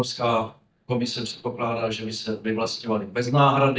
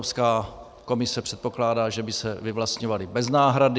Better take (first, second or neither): second